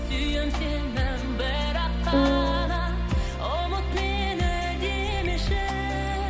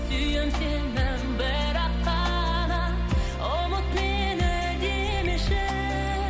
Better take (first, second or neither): second